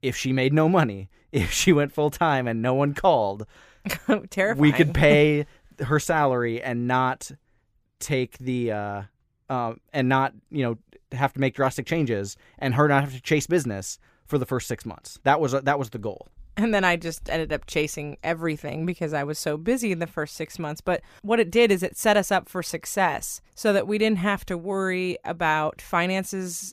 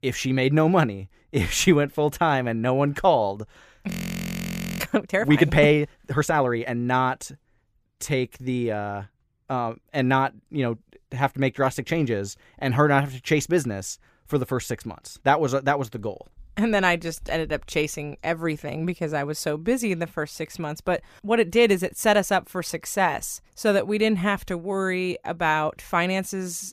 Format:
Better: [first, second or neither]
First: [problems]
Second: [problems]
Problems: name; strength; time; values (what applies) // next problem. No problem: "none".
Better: first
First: none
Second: audio freezing; at 4 s for 1 s